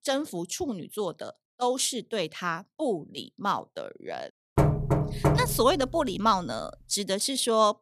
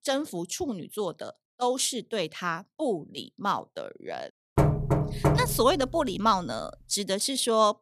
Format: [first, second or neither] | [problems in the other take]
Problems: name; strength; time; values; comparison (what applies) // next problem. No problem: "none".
neither | door banging; loud; from 4.5 to 6 s; peak 3 dB above the speech; the same in both